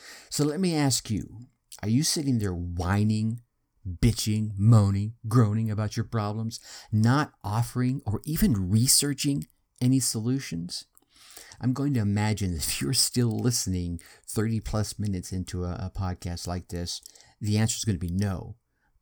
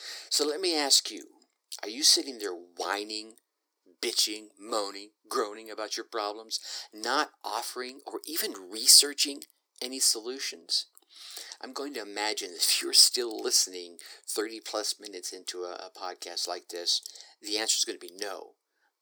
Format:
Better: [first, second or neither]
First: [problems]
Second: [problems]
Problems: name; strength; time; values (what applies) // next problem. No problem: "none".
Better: first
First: none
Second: thin; very; fading below 350 Hz